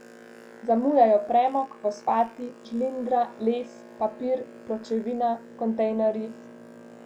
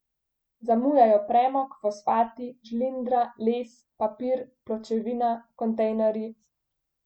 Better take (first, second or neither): second